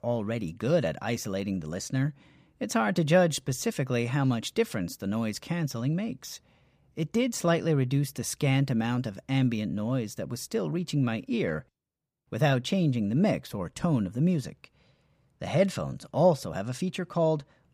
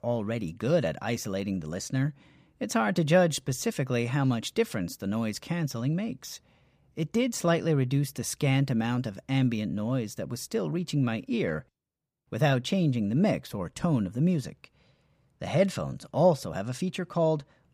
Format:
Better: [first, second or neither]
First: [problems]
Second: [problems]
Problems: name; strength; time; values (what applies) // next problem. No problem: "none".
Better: neither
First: none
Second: none